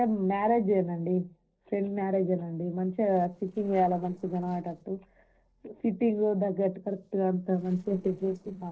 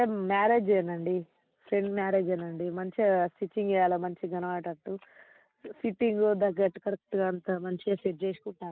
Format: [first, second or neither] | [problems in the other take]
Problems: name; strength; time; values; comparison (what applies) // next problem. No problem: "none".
second | noise reduction (neural separator model SepFormer DNS4)